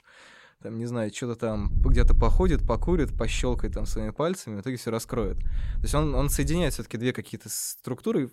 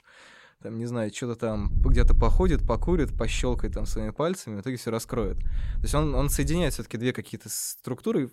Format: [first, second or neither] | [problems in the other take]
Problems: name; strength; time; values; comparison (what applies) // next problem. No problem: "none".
neither | wind noise on the microphone; occasional gusts; from 1.5 to 4 s and from 5 to 6.5 s; 20 dB below the speech; the same in both